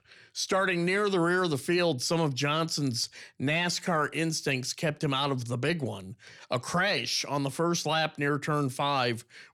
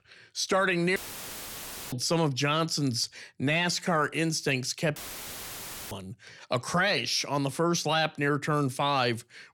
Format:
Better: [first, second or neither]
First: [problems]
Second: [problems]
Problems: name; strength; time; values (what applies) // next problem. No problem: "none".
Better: first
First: none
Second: audio cutting out; filled with static; at 1 s for 1 s and at 5 s for 1 s